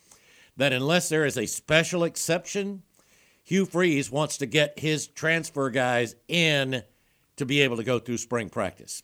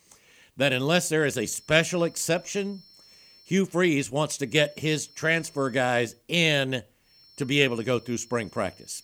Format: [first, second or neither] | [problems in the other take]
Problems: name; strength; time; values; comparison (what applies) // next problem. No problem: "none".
first | high-pitched whine; faint; from 1 to 3.5 s, from 4.5 to 6 s and from 7 s on; 5.5 kHz, 25 dB below the speech